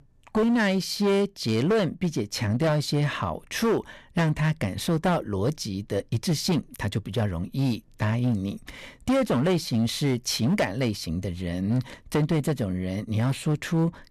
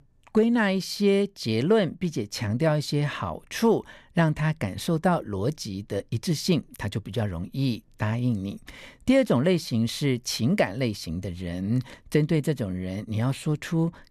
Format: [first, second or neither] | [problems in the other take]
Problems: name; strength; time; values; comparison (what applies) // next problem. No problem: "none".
second | distortion; slight; 9% of the sound clipped